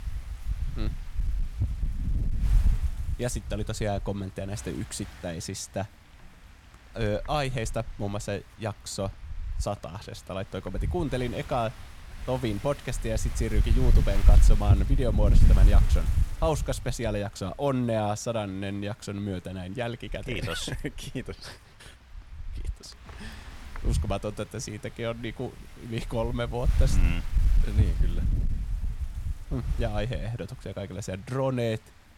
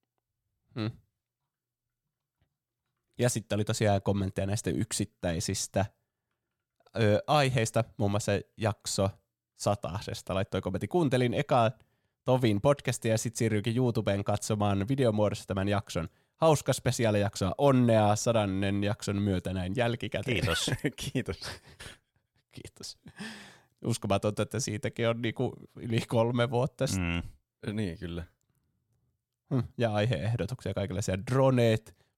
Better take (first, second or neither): second